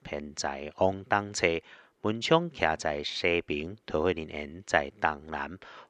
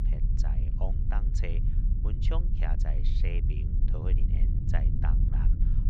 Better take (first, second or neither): first